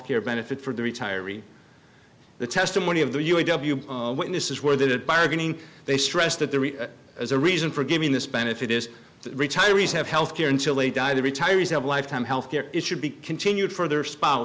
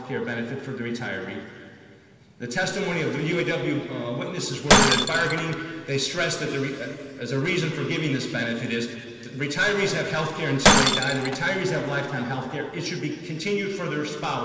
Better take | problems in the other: first | background sound (Shatter); 2 dB below the speech // room echo; dies away in 2.5 s

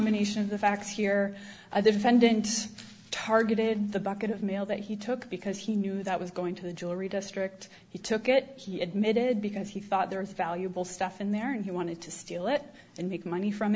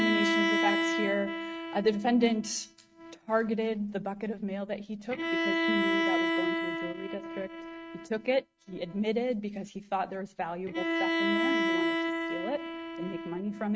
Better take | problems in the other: first | noise reduction (neural mask model RNNoise)

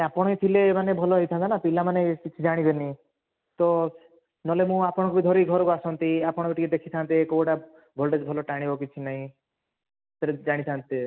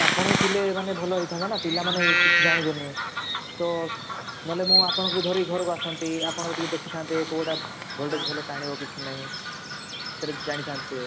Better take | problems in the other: first | background sound (Bird vocalization, bird call, bird song); 2 dB above the speech

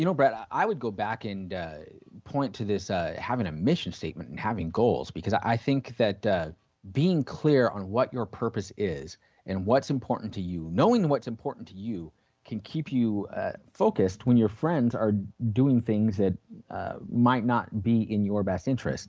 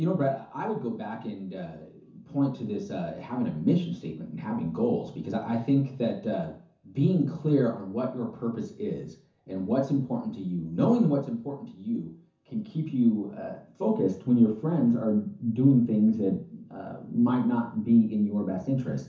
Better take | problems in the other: first | room echo; dies away in 0.9 s

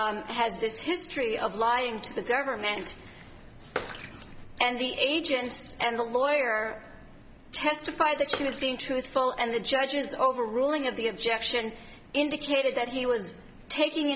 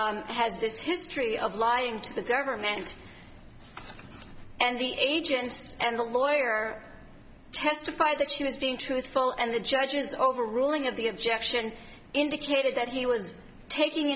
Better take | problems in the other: second | background sound (Bathtub (filling or washing) / Water / Splash, splatter); 15 dB below the speech

